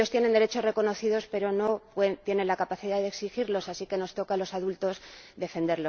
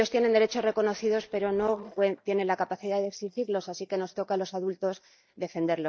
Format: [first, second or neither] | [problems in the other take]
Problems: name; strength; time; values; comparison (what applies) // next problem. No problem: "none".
first | noise reduction (neural mask model DeepFilterNet 3)